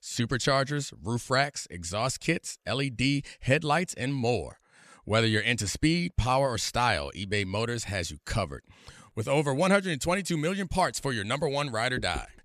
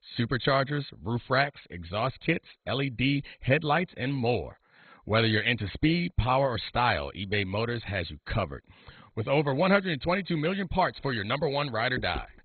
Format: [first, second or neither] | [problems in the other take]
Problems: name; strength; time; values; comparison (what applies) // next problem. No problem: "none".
first | garbled, watery; badly; nothing above 4 kHz